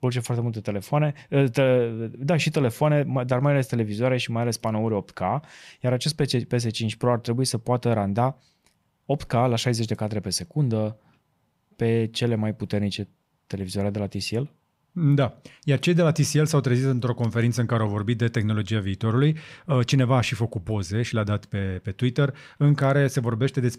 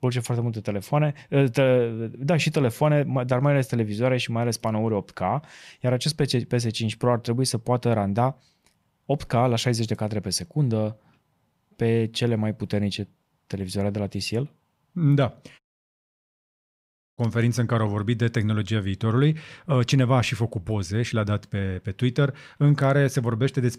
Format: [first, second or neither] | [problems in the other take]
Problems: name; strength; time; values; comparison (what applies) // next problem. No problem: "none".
first | audio cutting out; at 16 s for 1.5 s